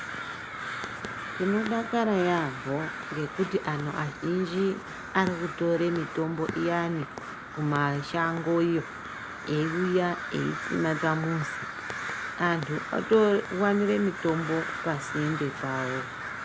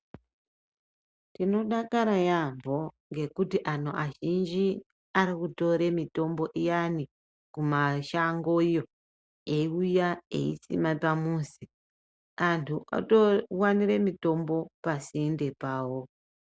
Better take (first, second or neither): second